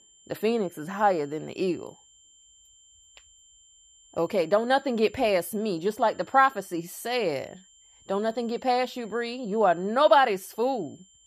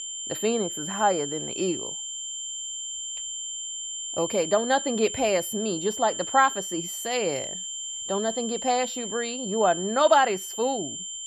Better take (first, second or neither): first